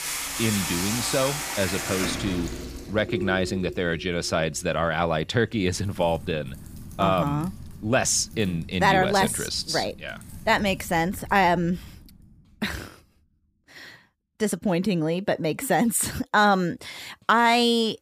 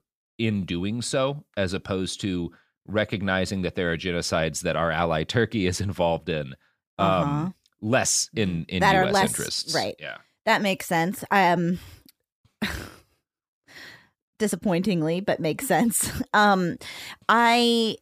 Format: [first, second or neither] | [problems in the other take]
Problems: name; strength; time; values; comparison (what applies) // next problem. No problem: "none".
second | household noises; loud; until 12 s; 9 dB below the speech